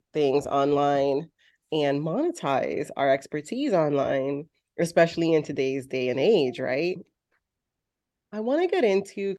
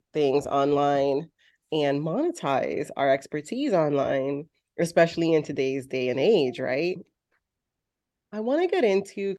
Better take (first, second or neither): neither